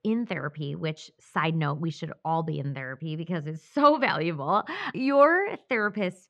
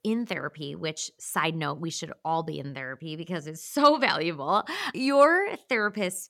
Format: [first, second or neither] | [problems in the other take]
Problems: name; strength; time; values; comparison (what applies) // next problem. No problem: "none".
second | muffled; slightly; fading above 2.5 kHz